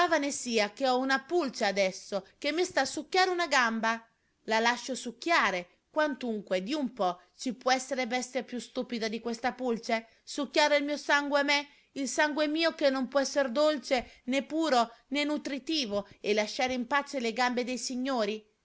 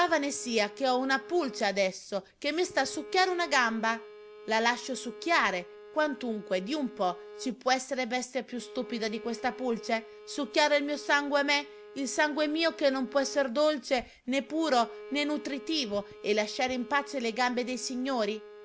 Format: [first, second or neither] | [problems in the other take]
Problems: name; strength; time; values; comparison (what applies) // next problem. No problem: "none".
first | background sound (Bowed string instrument); 17 dB below the speech